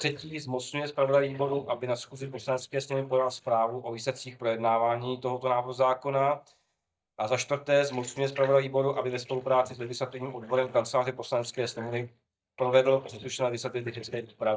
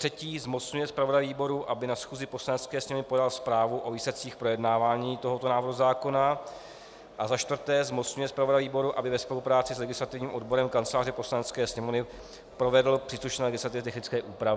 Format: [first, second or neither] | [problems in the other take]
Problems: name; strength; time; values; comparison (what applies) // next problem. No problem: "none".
second | noise reduction (neural mask model DeepFilterNet 3)